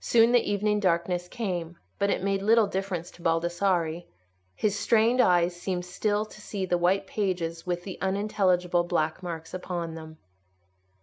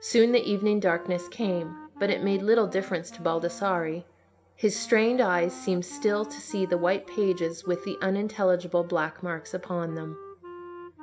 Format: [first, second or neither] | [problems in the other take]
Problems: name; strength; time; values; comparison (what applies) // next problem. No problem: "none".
first | background sound (Wind instrument, woodwind instrument); 17 dB below the speech // room echo; dies away in 0.5 s